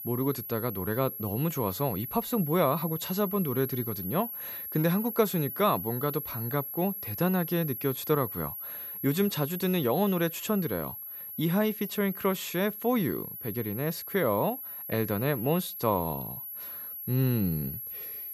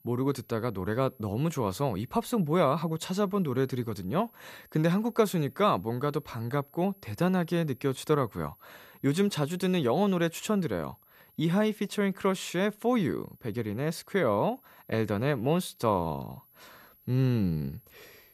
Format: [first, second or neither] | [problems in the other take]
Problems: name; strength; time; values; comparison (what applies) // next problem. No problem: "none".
second | high-pitched whine; loud; throughout; 11.5 kHz, 7 dB below the speech; faint in the second